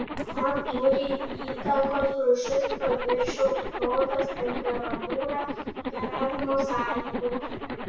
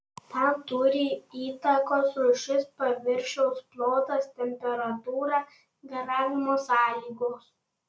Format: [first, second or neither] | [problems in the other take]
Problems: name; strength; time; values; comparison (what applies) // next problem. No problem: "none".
second | background sound (Zipper (clothing)); 4 dB below the speech // room echo; dies away in 0.7 s